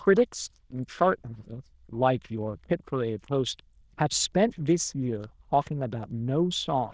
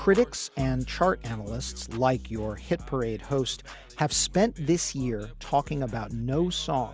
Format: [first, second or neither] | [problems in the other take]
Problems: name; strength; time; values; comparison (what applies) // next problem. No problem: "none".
second | noise reduction (neural diffusion model UNIVERSE++)